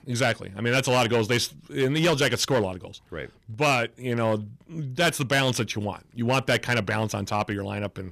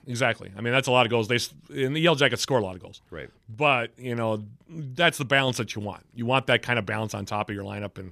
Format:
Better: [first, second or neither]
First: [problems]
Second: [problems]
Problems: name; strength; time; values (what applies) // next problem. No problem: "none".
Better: second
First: distortion; heavy; 6% of the sound clipped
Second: none